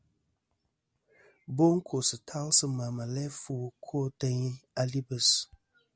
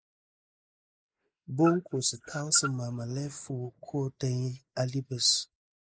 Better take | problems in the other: first | noise reduction (neural mask model Resemble Enhance denoiser)

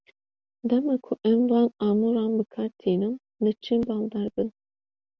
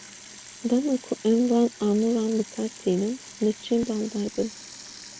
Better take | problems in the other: first | background sound (Sink (filling or washing) / Water tap, faucet); 18 dB below the speech

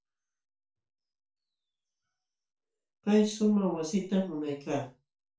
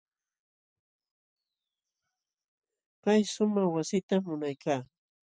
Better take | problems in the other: second | room echo; dies away in 0.3 s

